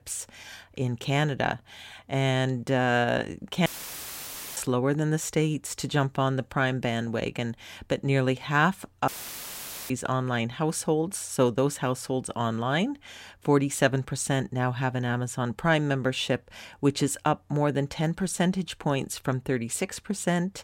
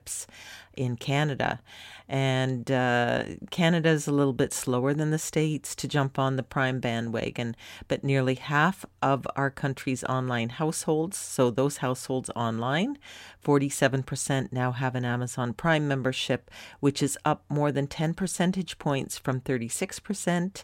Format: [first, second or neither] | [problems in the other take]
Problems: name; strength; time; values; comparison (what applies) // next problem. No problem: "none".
second | audio cutting out; filled with static; at 3.5 s for 1 s and at 9 s for 1 s